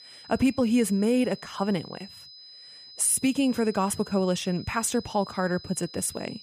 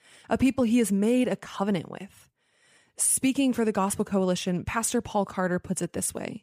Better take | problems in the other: second | high-pitched whine; noticeable; throughout; 5 kHz, 20 dB below the speech

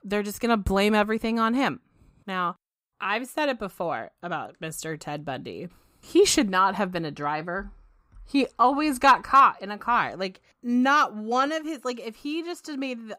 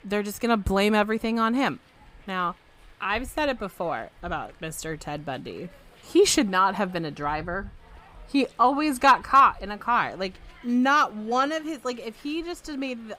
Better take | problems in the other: first | hiss; faint; throughout; 25 dB below the speech

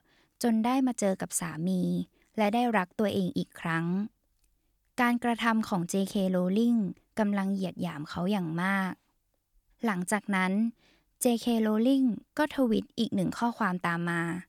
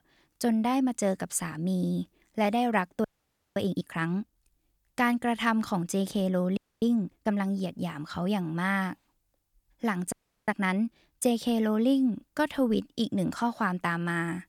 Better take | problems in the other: first | audio freezing; at 3 s for 0.5 s, at 6.5 s and at 10 s

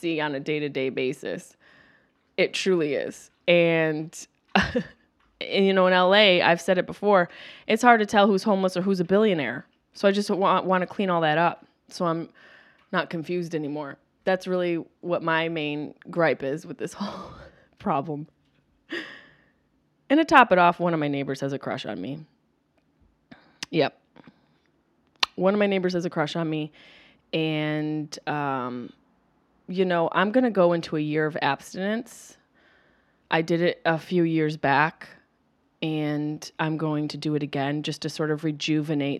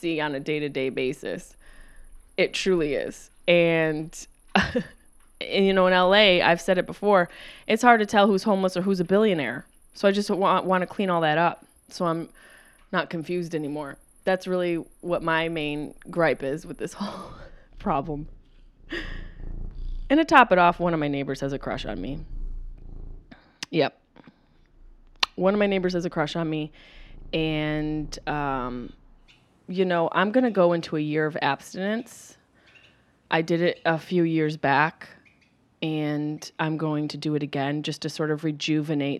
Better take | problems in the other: first | animal sounds; faint; throughout; 25 dB below the speech

